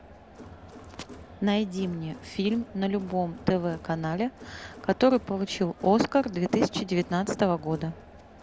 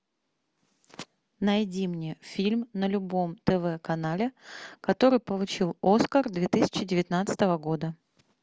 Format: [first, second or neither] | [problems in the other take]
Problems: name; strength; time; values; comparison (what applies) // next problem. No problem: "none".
second | background sound (Crowd); 18 dB below the speech